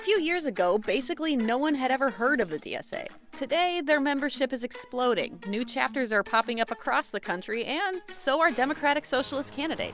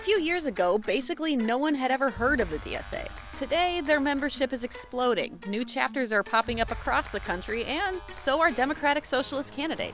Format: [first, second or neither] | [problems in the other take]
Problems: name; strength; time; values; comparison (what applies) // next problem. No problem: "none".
first | background sound (Clapping); 17 dB below the speech